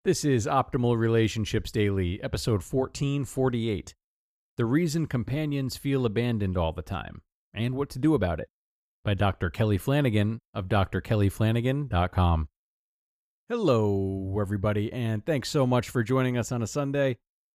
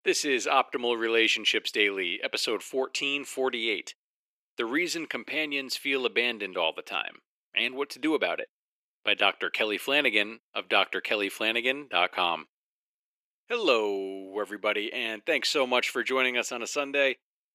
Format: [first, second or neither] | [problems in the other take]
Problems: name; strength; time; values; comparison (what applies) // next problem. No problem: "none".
first | thin; very; fading below 350 Hz